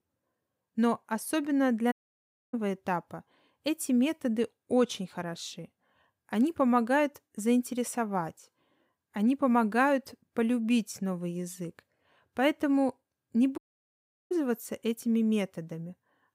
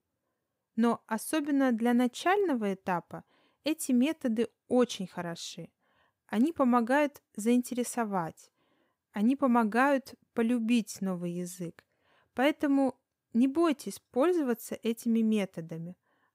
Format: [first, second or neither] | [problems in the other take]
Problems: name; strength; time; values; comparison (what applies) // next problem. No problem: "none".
second | audio cutting out; at 2 s for 0.5 s and at 14 s for 0.5 s